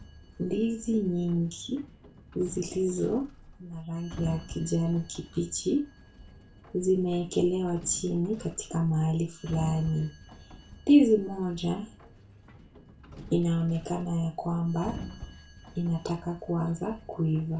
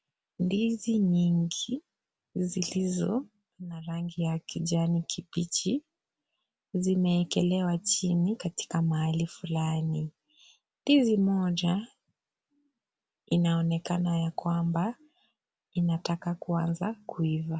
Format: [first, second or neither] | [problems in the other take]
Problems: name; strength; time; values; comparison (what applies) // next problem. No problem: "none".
second | background sound (Sliding door); 17 dB below the speech // room echo; dies away in 0.2 s